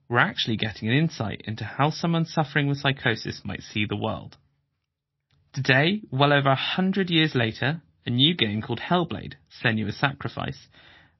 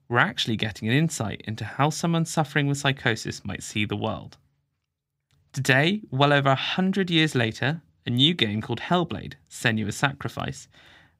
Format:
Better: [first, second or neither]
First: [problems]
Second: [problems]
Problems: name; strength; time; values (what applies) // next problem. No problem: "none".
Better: second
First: garbled, watery; slightly; nothing above 5.5 kHz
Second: none